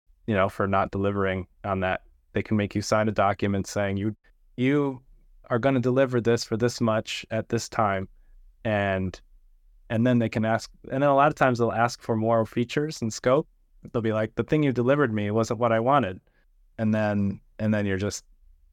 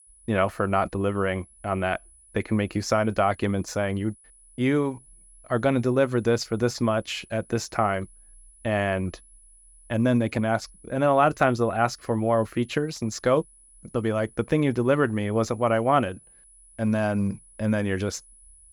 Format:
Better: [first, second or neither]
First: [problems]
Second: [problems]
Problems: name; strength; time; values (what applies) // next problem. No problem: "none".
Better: first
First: none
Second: high-pitched whine; faint; throughout; 10 kHz, 25 dB below the speech